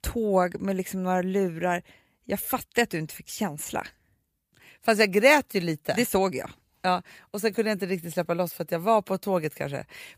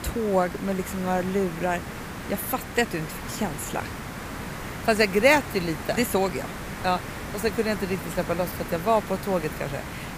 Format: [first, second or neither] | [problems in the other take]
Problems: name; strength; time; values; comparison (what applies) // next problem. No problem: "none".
first | hiss; loud; throughout; 9 dB below the speech